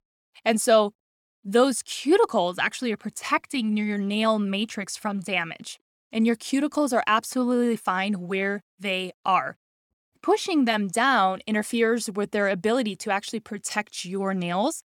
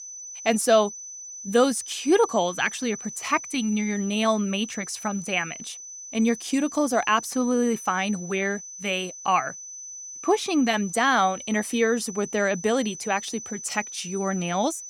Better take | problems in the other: first | high-pitched whine; noticeable; throughout; 6 kHz, 10 dB below the speech

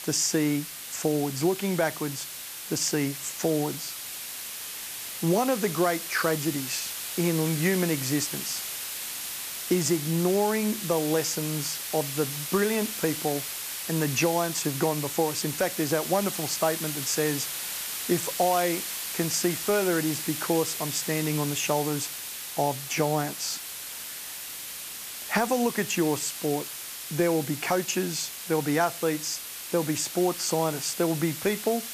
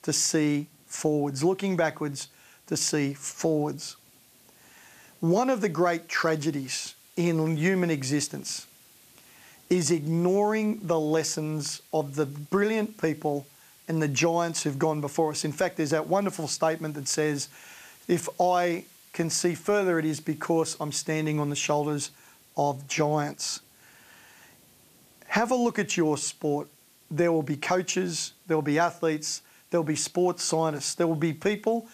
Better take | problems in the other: second | hiss; loud; throughout; 5 dB below the speech; faint in the second

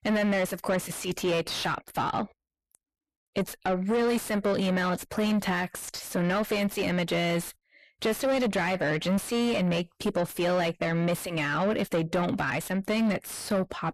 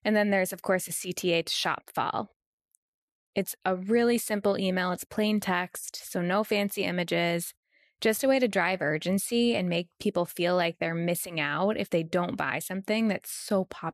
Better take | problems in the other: second | distortion; heavy; 7 dB below the speech

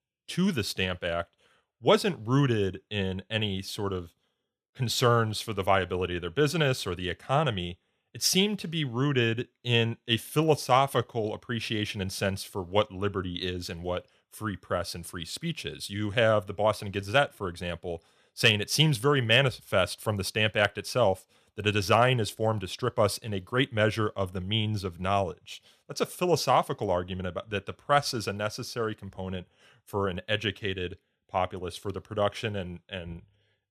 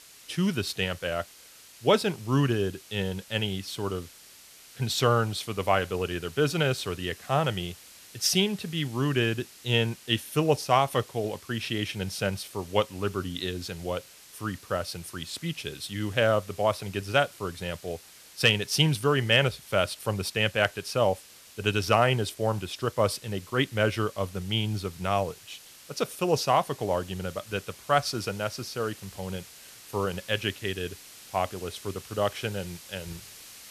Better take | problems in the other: first | hiss; noticeable; throughout; 20 dB below the speech

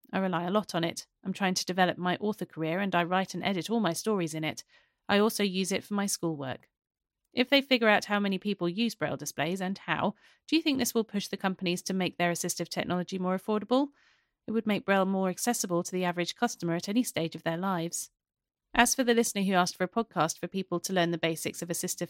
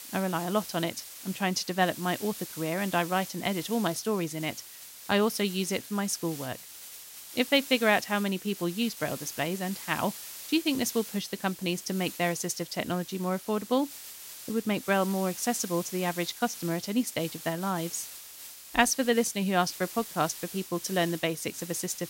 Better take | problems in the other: first | hiss; noticeable; throughout; 10 dB below the speech

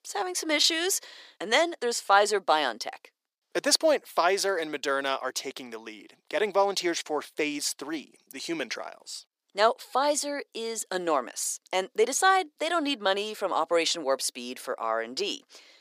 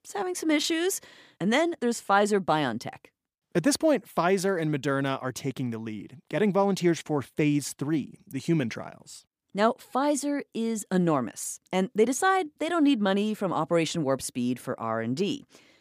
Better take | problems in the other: second | thin; somewhat; fading below 450 Hz

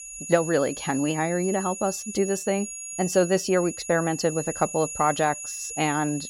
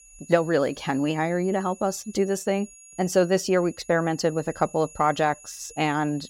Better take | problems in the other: second | high-pitched whine; loud; throughout; 7 kHz, 8 dB below the speech; faint in the second

